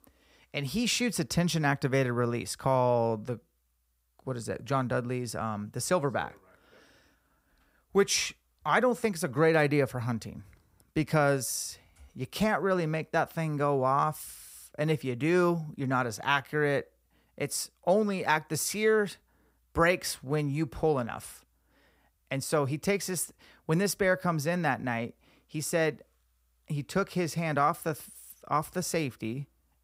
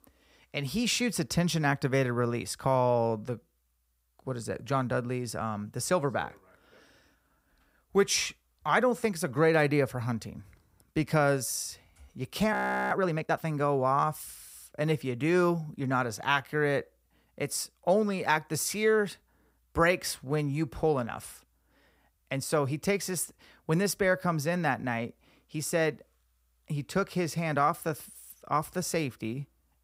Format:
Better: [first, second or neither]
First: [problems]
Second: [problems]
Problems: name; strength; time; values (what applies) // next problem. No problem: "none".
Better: first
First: none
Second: audio freezing; at 13 s